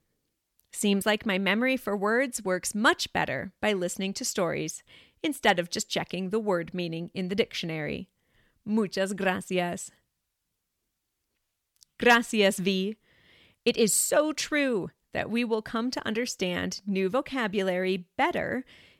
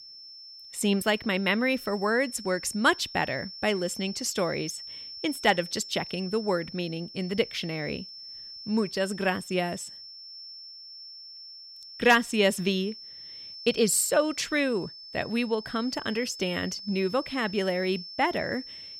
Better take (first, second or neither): first